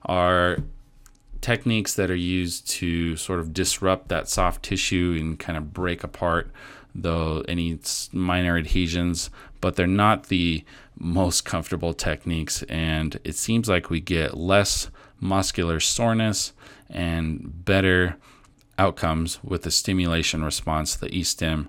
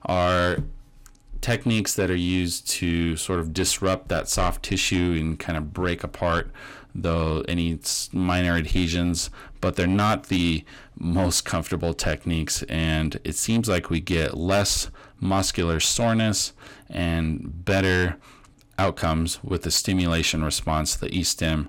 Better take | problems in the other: first | distortion; slight; 10 dB below the speech

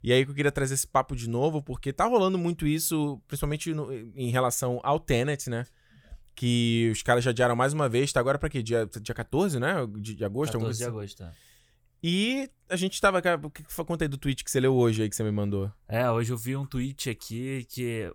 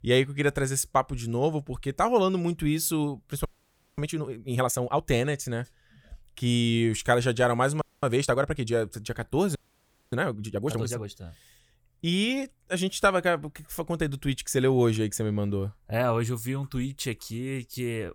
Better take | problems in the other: first | audio freezing; at 3.5 s for 0.5 s, at 8 s and at 9.5 s for 0.5 s

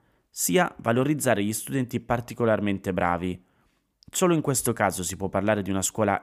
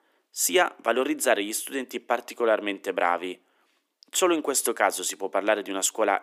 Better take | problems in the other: first | thin; somewhat; fading below 300 Hz

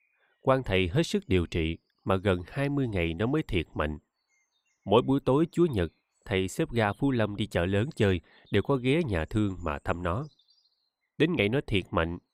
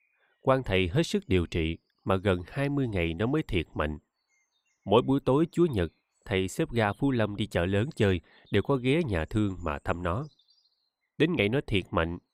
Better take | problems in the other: neither | none

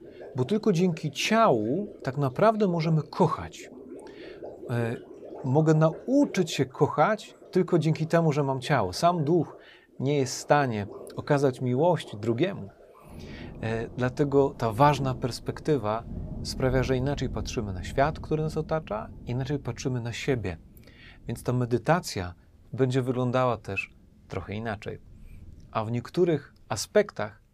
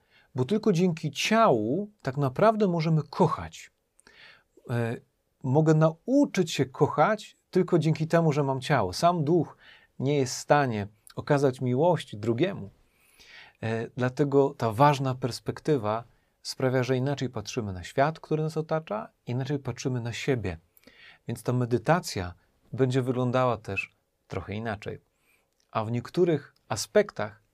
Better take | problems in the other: second | rain or running water; noticeable; throughout; 15 dB below the speech

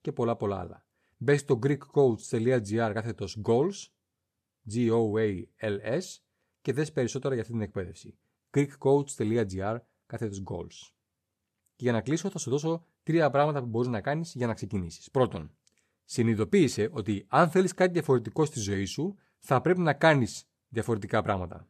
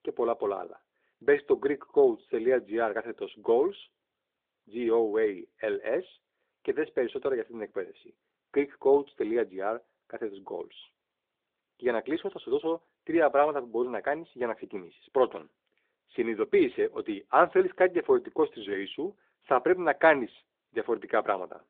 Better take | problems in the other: first | phone-call audio; nothing above 3.5 kHz

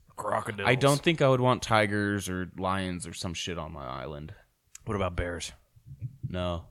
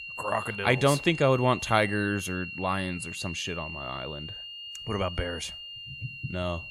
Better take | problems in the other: first | high-pitched whine; loud; throughout; 3 kHz, 9 dB below the speech

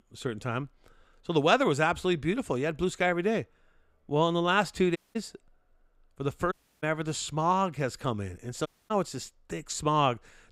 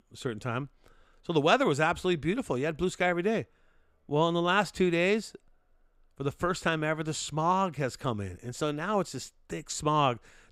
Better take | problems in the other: second | audio cutting out; at 5 s, at 6.5 s and at 8.5 s

